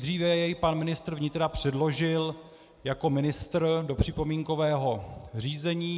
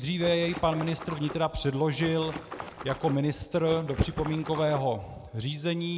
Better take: first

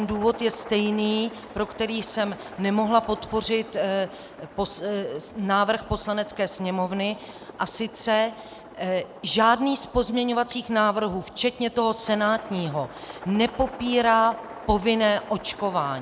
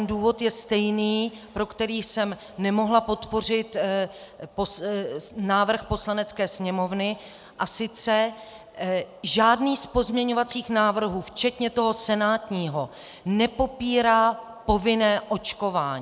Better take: second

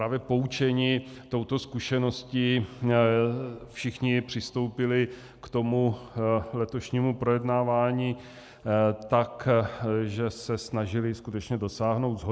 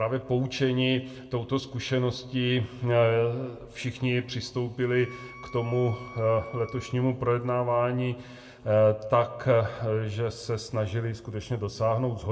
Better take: first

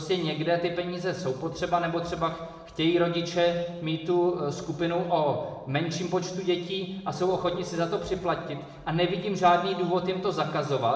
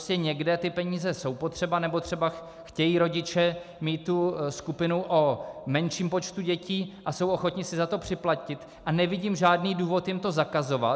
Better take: second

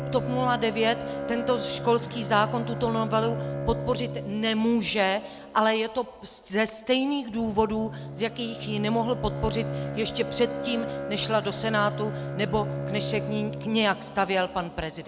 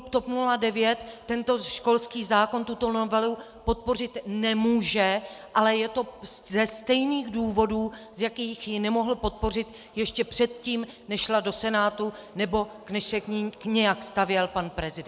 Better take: second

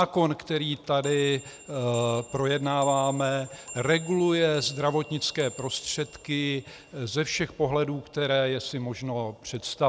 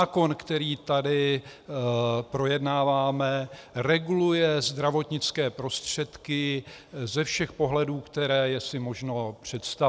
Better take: second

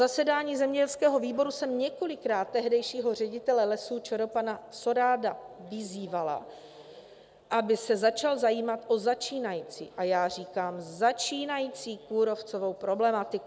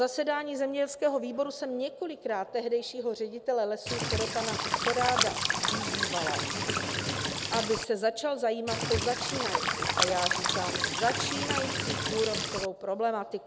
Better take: first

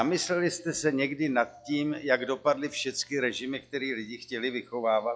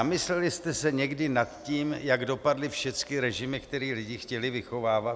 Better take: second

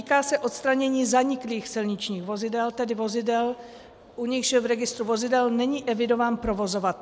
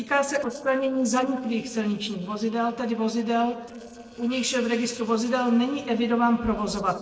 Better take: first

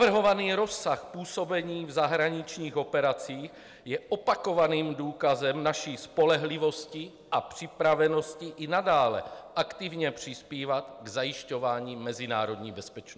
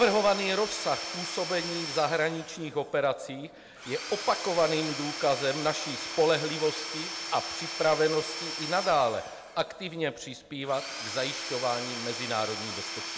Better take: first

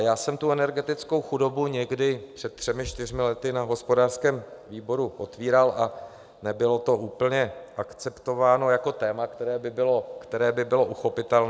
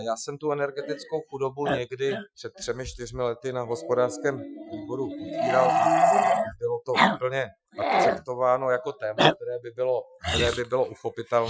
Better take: first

